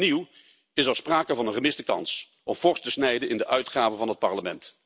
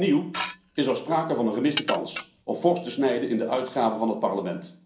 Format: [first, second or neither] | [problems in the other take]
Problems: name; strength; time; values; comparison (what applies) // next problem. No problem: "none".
first | background sound (Dishes, pots, and pans / Glass); 10 dB below the speech // room echo; dies away in 0.6 s